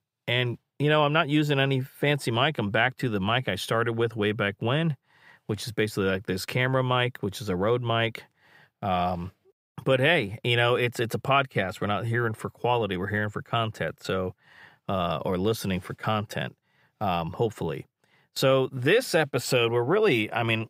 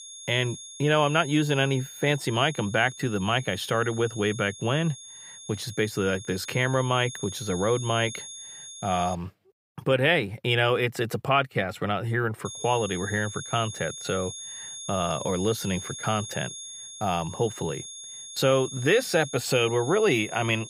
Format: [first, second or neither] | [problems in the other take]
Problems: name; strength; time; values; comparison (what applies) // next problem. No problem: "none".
first | high-pitched whine; noticeable; until 9 s and from 12 s on; 6.5 kHz, 10 dB below the speech